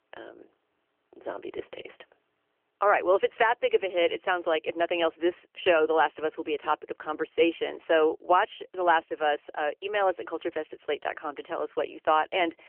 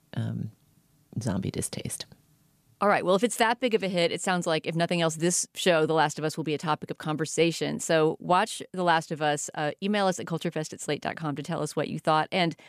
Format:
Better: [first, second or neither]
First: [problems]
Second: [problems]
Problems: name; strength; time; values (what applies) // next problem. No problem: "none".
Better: second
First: phone-call audio; nothing above 3 kHz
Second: none